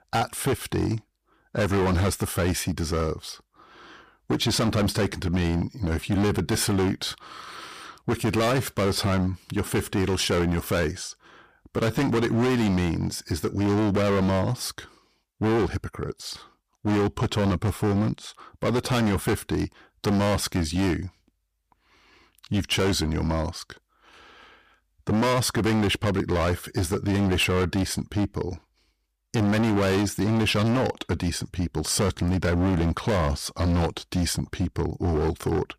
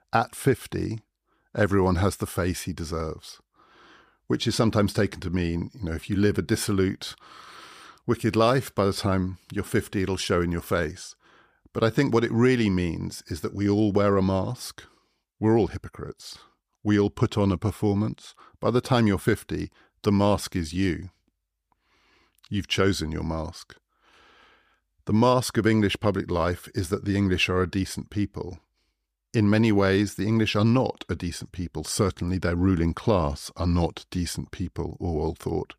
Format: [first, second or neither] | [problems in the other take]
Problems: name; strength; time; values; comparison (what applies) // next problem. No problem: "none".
second | distortion; heavy; 18% of the sound clipped